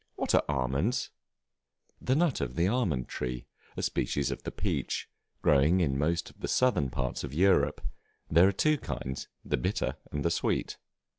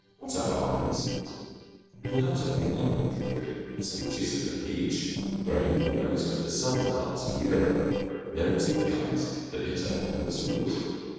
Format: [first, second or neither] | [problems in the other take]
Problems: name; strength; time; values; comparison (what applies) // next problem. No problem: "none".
first | noise reduction (neural separator model SepFormer DNS4)